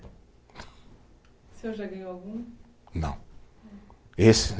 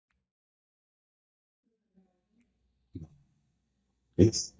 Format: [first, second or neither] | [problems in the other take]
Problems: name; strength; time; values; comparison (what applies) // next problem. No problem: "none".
first | noise reduction (neural mask model DeepFilterNet 3)